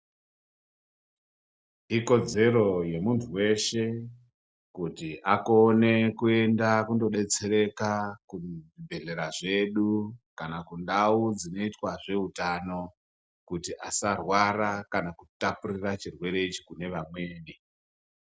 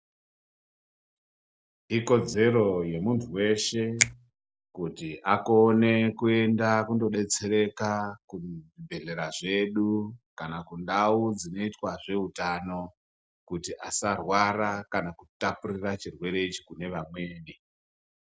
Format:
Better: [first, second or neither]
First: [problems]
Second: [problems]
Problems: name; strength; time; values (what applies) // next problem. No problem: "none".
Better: first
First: none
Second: background sound (Finger snapping); 6 dB below the speech